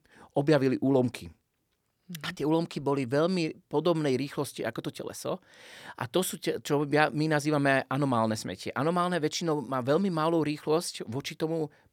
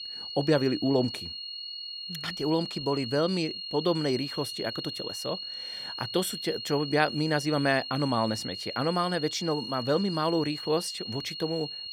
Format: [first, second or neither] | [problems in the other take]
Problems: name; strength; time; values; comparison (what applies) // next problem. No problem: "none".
first | high-pitched whine; loud; throughout; 4.5 kHz, 6 dB below the speech